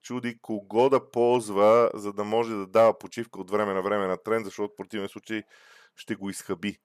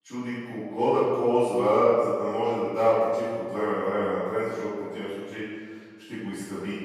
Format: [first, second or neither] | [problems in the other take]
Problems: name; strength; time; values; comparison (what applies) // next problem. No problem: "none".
first | off-mic speech; far // room echo; strong; dies away in 1.6 s